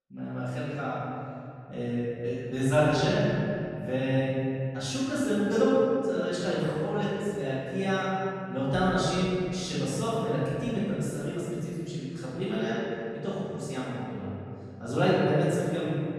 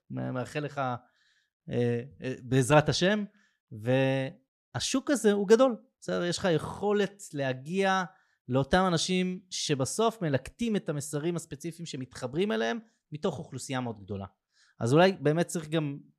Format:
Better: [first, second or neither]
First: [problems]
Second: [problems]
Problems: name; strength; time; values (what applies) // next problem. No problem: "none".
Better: second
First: off-mic speech; far // room echo; strong; dies away in 2.8 s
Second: none